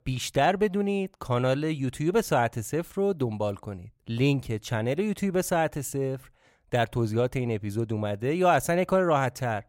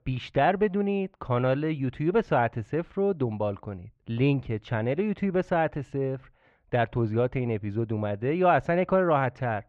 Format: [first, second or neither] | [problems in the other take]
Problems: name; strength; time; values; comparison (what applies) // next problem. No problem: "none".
first | muffled; very; fading above 2.5 kHz